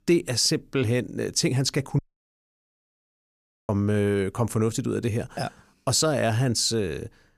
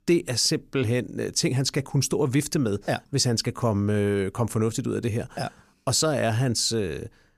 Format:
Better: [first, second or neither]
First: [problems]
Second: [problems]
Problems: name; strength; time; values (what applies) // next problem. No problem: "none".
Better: second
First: audio cutting out; at 2 s for 1.5 s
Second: none